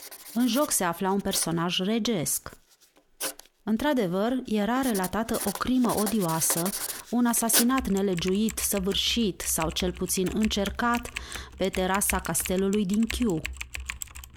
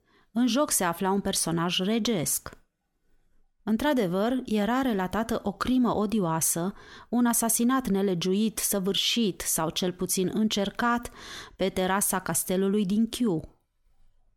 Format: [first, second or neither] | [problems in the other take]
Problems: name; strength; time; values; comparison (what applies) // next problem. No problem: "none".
second | household noises; loud; throughout; 8 dB below the speech